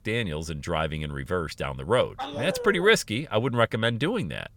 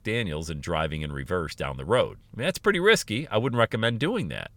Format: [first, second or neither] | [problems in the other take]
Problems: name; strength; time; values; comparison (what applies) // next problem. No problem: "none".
second | dog barking; noticeable; at 2 s; peak 7 dB below the speech